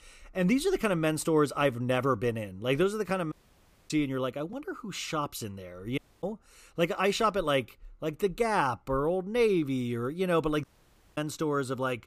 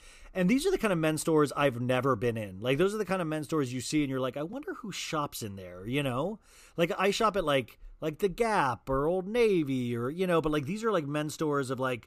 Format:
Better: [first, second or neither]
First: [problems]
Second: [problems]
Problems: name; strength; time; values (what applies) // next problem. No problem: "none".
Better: second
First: audio cutting out; at 3.5 s for 0.5 s, at 6 s and at 11 s for 0.5 s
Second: none